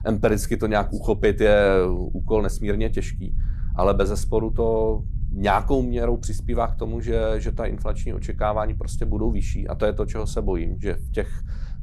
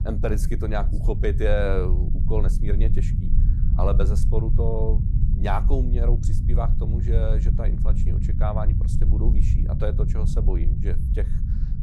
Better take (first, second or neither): first